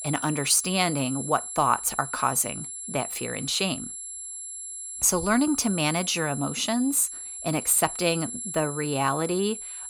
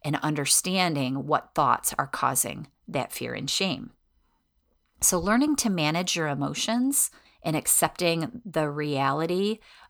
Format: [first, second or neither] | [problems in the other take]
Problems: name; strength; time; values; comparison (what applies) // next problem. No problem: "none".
second | high-pitched whine; loud; throughout; 11 kHz, 8 dB below the speech